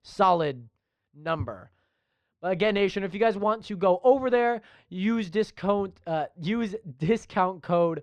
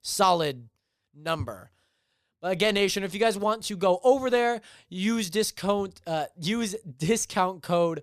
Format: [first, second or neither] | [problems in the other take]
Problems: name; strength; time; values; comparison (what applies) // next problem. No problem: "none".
second | muffled; very; fading above 2 kHz